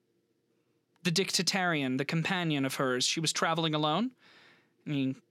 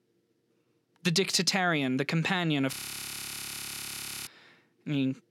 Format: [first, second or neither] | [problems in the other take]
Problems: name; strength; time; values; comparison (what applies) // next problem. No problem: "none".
first | audio freezing; at 2.5 s for 1.5 s